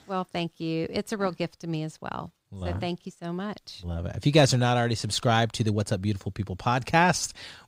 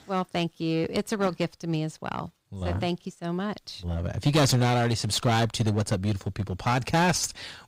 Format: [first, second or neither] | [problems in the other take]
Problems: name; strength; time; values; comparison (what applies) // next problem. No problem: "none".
first | distortion; heavy; 7% of the sound clipped